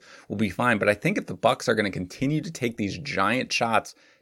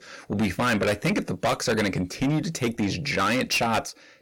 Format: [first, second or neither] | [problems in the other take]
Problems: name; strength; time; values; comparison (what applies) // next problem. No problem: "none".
first | distortion; heavy; 6 dB below the speech